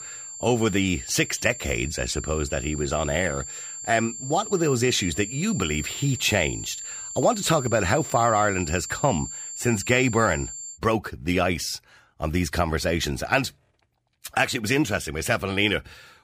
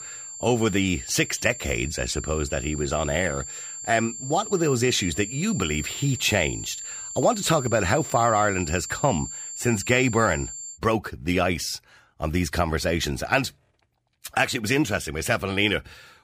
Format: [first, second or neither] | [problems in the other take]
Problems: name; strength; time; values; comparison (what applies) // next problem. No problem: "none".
neither | high-pitched whine; loud; until 11 s; 7.5 kHz, 9 dB below the speech; the same in both